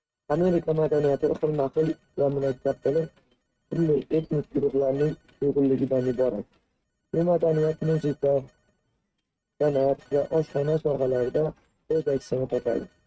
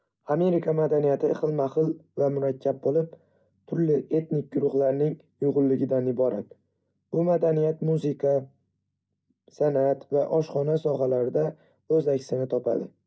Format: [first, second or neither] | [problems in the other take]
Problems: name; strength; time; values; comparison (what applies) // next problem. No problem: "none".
second | noise reduction (neural mask model RNNoise)